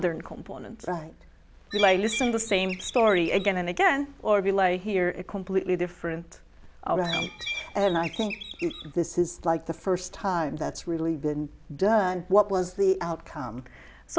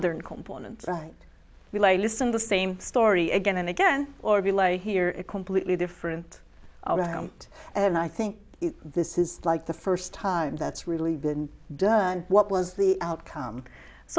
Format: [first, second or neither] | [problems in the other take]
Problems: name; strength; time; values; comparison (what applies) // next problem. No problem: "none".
second | background sound (Bird); 9 dB below the speech